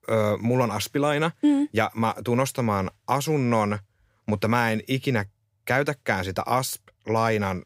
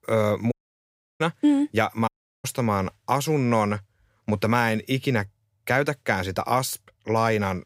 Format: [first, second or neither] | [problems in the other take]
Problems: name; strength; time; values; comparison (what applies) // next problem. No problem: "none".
first | audio cutting out; at 0.5 s for 0.5 s and at 2 s